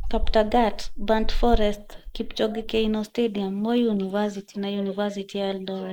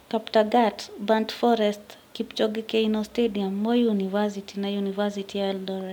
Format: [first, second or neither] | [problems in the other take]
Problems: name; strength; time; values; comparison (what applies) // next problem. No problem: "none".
second | noise reduction (neural mask model Resemble Enhance denoiser)